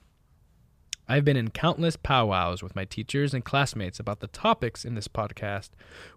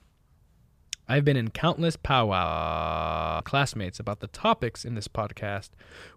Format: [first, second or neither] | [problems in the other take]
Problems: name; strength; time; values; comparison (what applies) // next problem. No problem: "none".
first | audio freezing; at 2.5 s for 1 s